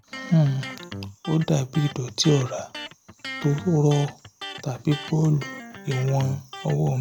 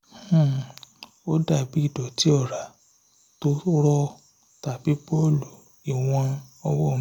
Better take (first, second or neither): second